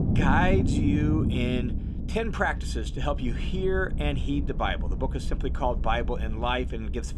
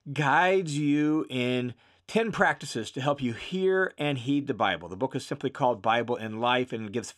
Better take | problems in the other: second | low rumble; loud; throughout; 10 dB below the speech

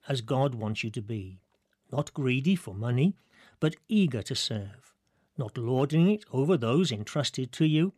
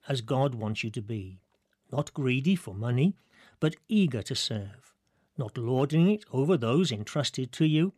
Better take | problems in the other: neither | none

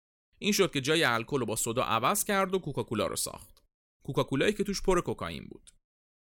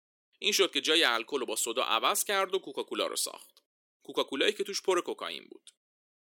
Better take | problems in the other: first | thin; somewhat; fading below 300 Hz

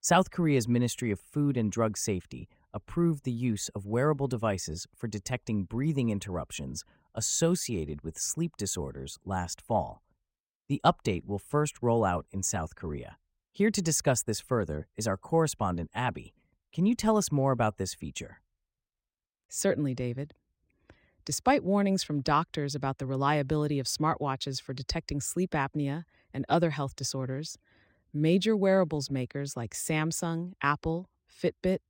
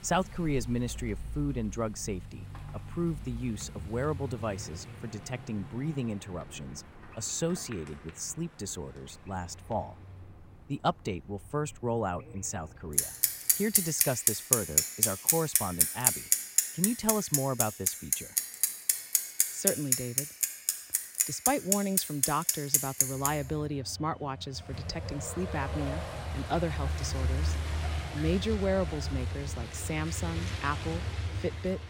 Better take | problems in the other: first | traffic noise; very loud; throughout; 5 dB above the speech

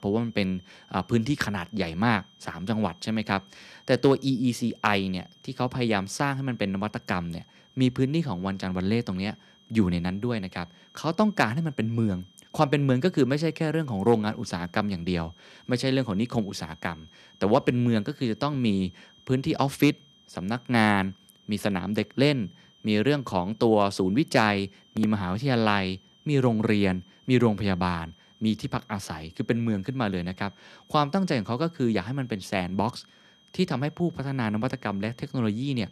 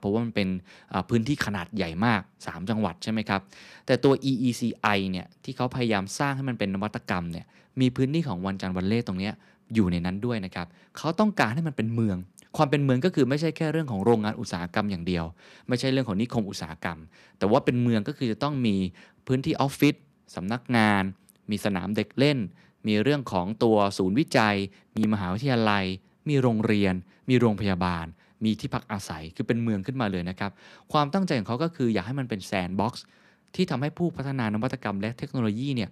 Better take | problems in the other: second | high-pitched whine; faint; throughout; 3 kHz, 30 dB below the speech

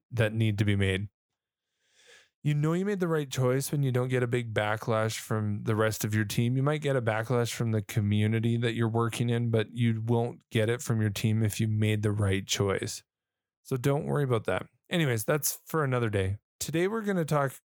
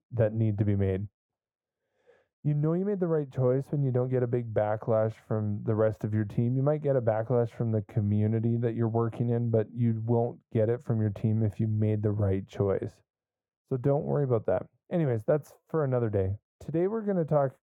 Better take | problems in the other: first | muffled; very; fading above 2 kHz

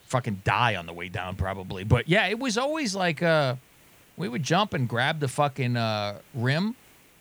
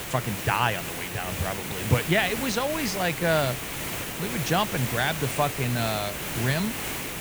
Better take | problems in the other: first | hiss; loud; throughout; 4 dB below the speech; faint in the first

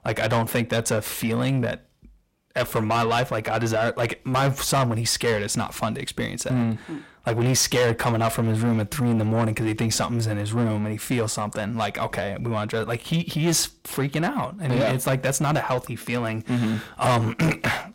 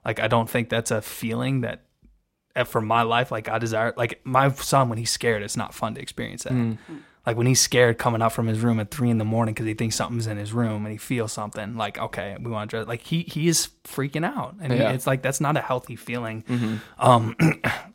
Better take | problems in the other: second | distortion; heavy; 8 dB below the speech

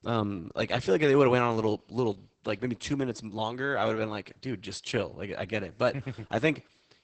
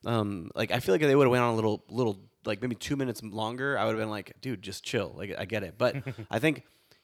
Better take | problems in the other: second | garbled, watery; badly; nothing above 8 kHz

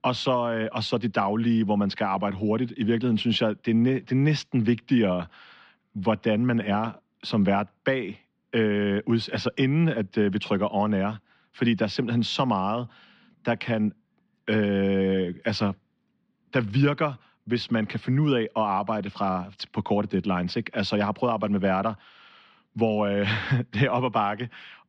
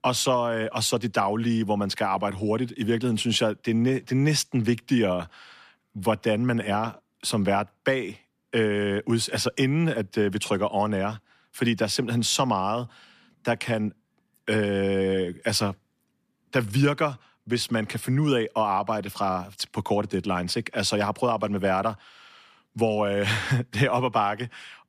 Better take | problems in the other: second | muffled; very slightly; fading above 4 kHz

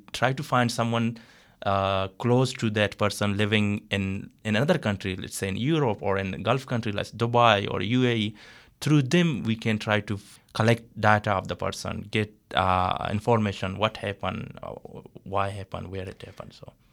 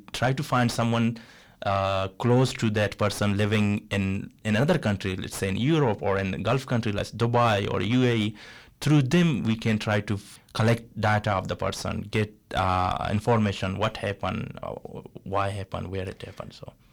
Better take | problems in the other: first | distortion; heavy; 7 dB below the speech

